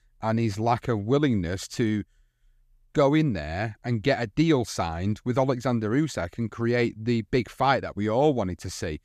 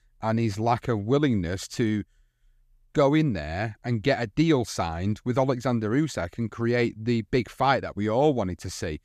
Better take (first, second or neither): neither